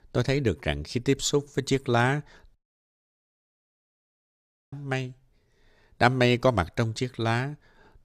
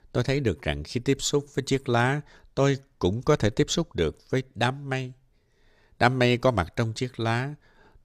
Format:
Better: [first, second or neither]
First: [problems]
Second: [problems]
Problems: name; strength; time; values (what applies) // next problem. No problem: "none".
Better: second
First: audio cutting out; at 2.5 s for 2 s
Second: none